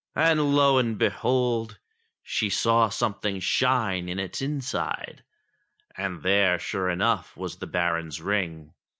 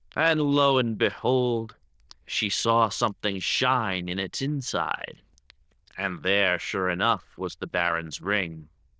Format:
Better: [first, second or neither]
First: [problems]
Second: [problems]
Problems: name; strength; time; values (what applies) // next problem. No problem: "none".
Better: first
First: none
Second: noise reduction (neural diffusion model UNIVERSE++)